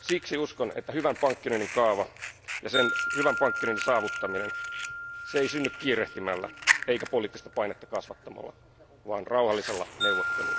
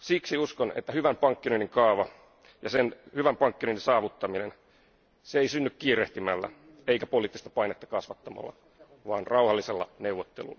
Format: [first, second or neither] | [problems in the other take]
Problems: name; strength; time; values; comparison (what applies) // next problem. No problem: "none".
second | background sound (Fire + Wind chime); 3 dB below the speech